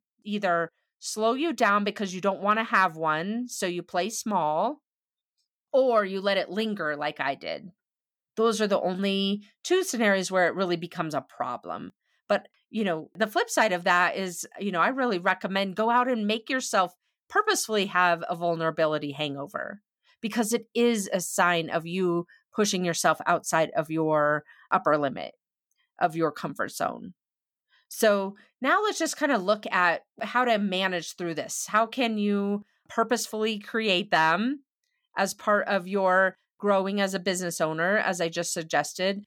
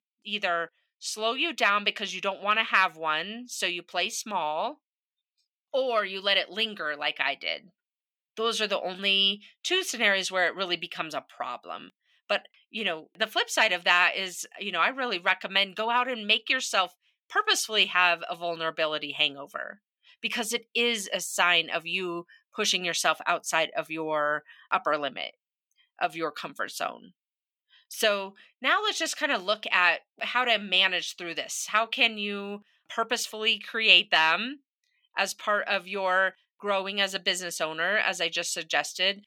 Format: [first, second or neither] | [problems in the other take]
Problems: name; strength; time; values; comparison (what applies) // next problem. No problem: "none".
first | thin; somewhat; fading below 1 kHz